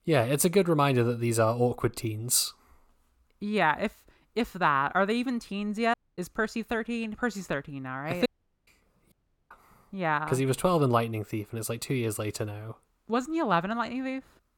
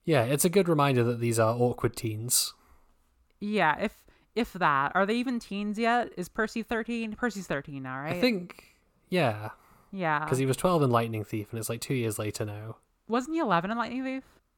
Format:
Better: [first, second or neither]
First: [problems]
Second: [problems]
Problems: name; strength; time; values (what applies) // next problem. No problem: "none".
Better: second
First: audio cutting out; at 6 s, at 8.5 s and at 9 s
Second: none